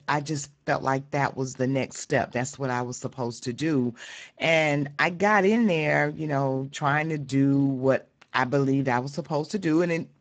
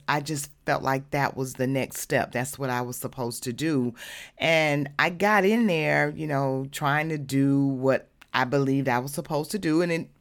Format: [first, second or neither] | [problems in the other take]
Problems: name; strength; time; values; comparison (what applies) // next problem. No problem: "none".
second | garbled, watery; badly; nothing above 7.5 kHz